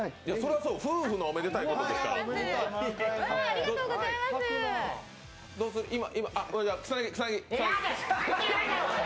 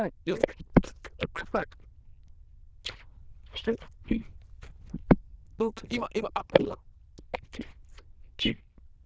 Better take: first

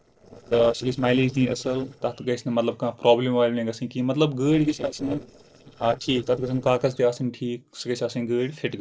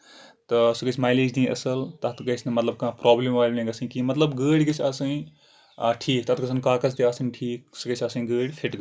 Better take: second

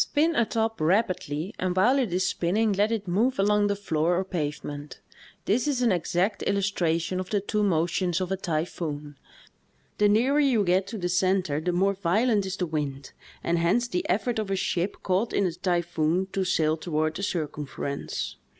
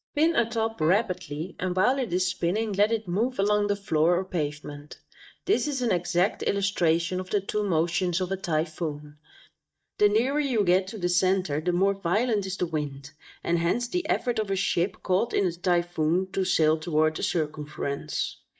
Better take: first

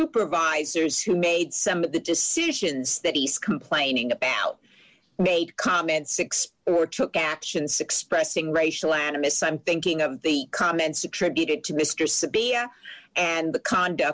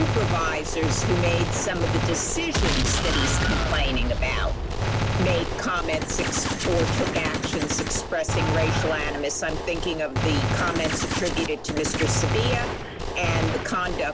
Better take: first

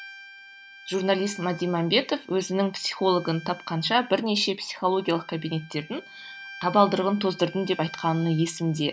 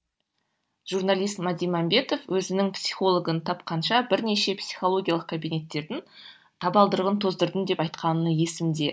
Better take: second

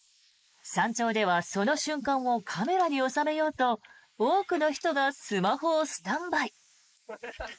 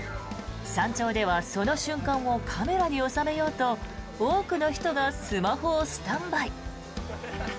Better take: second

